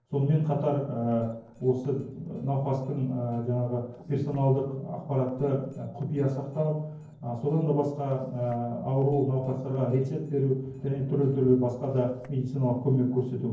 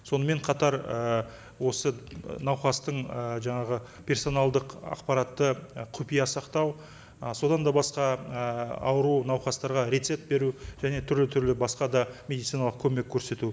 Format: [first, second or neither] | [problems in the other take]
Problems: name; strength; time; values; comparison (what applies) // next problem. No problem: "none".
second | noise reduction (neural separator model SepFormer DNS4)